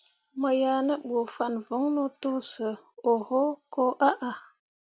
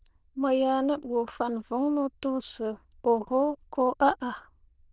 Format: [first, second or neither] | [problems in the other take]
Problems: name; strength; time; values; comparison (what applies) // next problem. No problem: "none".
first | noise reduction (neural diffusion model UNIVERSE++)